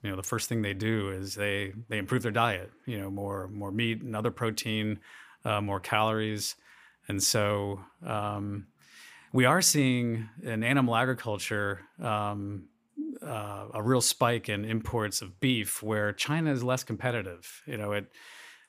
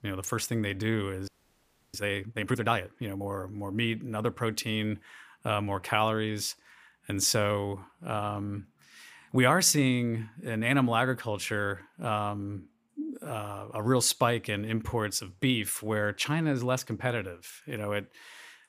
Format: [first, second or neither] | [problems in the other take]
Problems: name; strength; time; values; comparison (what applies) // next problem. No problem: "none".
first | audio freezing; at 1.5 s for 0.5 s